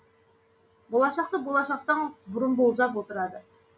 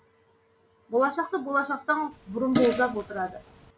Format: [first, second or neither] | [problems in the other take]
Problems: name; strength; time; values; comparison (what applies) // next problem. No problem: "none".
first | background sound (Fart); 6 dB below the speech